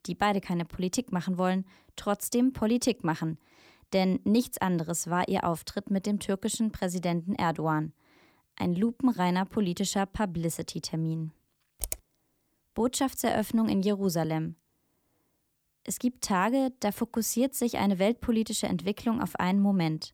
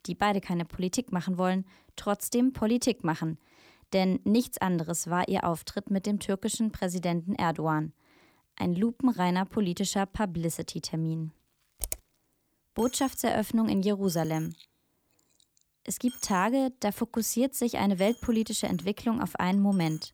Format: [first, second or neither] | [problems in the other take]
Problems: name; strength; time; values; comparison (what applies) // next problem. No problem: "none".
first | household noises; faint; throughout; 20 dB below the speech